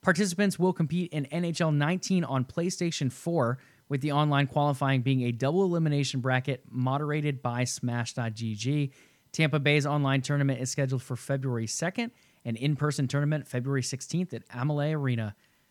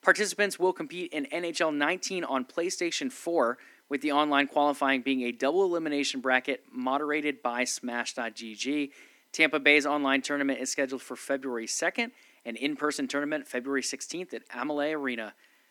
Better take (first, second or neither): first